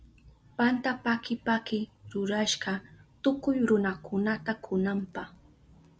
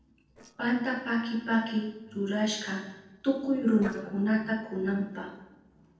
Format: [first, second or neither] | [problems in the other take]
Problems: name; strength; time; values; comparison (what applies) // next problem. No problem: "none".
first | noise reduction (neural separator model SepFormer DNS4)